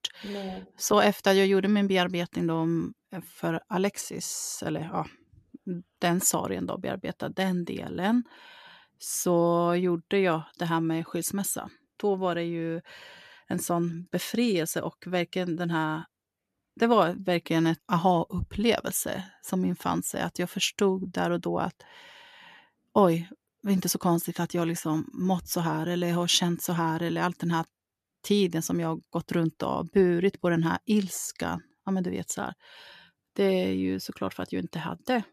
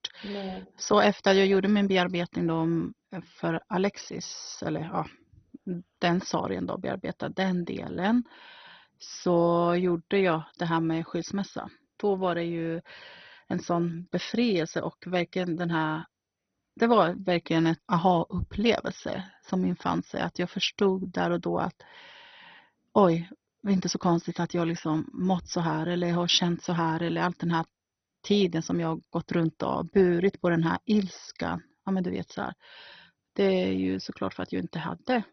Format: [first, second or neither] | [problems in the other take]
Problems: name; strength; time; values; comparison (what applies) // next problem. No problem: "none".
first | garbled, watery; badly; nothing above 6 kHz